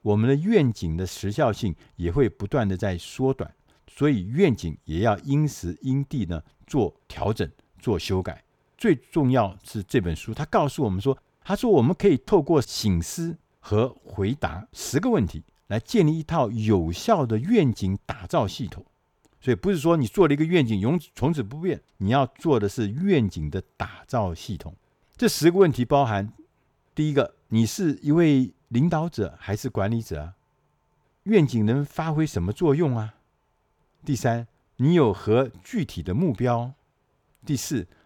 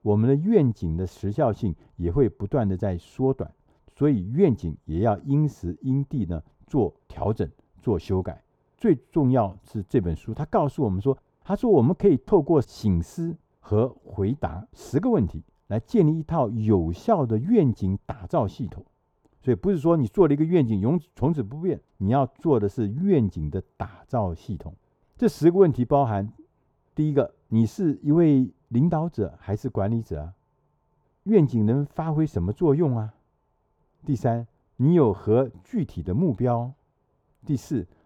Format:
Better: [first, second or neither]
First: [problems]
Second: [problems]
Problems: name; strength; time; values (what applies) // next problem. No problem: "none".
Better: first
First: none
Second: muffled; slightly; fading above 1 kHz